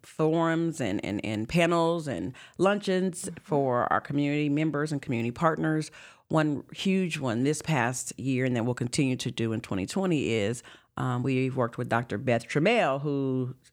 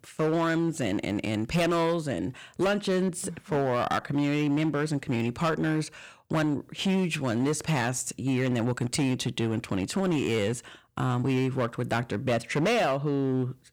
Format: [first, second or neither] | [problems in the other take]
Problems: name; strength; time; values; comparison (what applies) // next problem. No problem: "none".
first | distortion; slight; 11% of the sound clipped